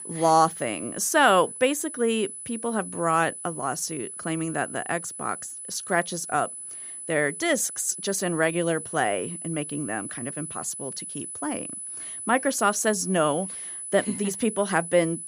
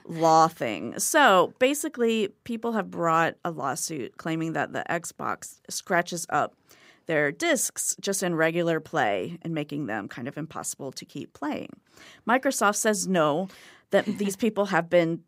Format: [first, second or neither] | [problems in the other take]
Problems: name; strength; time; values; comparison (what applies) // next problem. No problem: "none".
second | high-pitched whine; loud; throughout; 10 kHz, 9 dB below the speech